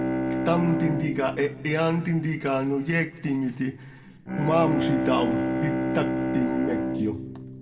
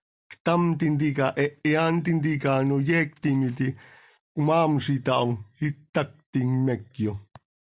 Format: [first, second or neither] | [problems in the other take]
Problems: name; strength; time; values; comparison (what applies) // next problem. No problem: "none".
second | background sound (Bowed string instrument); 2 dB below the speech // room echo; dies away in 1.7 s